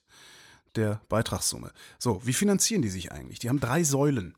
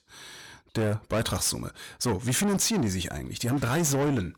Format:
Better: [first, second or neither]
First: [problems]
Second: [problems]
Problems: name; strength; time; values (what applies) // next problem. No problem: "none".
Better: first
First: none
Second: distortion; heavy; 7 dB below the speech